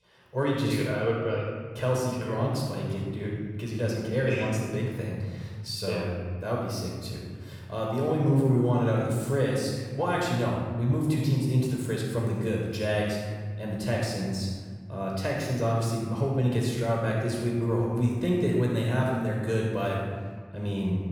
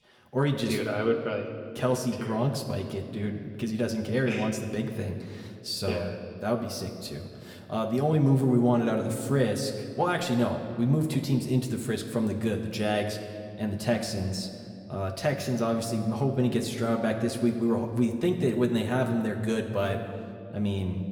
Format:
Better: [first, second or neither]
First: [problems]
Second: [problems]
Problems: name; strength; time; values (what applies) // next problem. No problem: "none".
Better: second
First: room echo; strong; dies away in 1.6 s // off-mic speech; far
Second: room echo; slight; dies away in 1.7 s